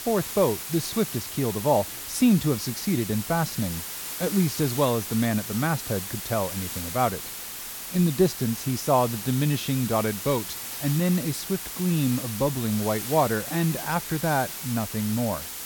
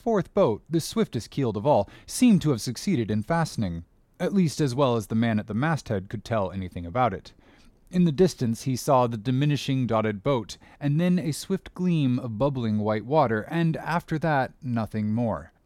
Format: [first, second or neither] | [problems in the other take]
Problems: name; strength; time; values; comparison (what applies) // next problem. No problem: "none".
second | hiss; loud; throughout; 6 dB below the speech